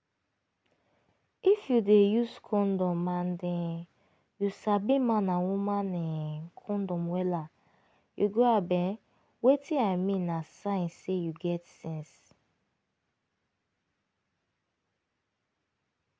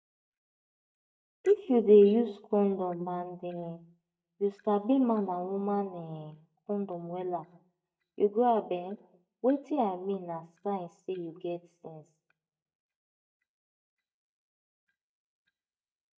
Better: first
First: none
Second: noise reduction (neural mask model DeepFilterNet 3)

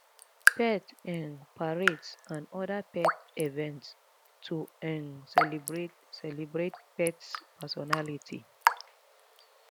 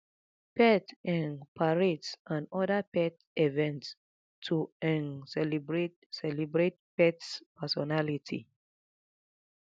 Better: second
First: background sound (Raindrop / Drip); 2 dB above the speech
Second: none

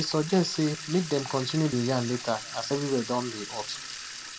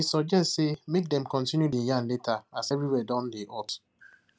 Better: second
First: background sound (Sink (filling or washing) / Water tap, faucet); 11 dB below the speech // room echo; dies away in 1.5 s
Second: none

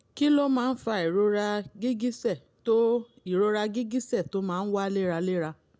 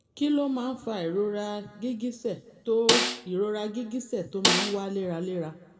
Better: first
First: none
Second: background sound (Snare drum); 2 dB above the speech // room echo; dies away in 1.6 s

